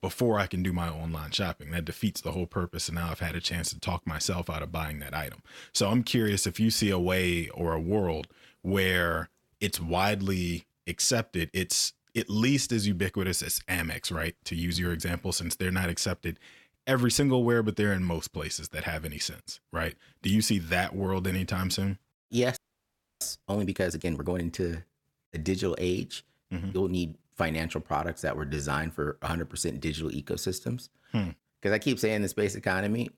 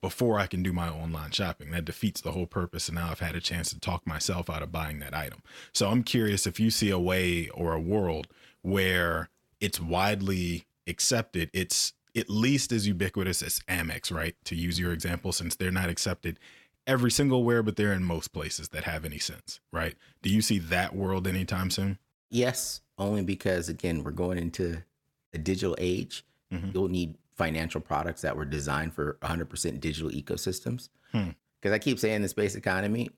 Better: second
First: audio freezing; at 23 s for 0.5 s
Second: none

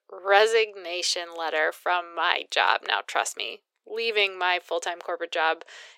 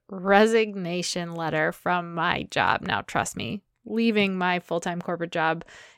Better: second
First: thin; very; fading below 400 Hz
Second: none

